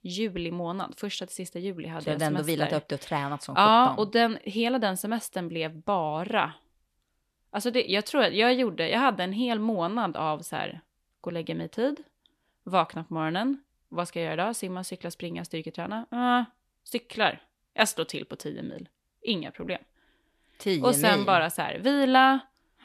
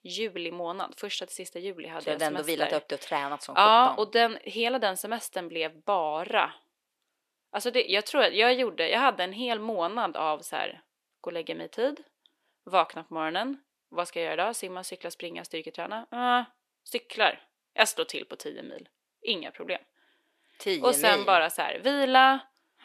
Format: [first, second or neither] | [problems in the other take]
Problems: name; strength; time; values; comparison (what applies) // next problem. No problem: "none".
first | thin; somewhat; fading below 450 Hz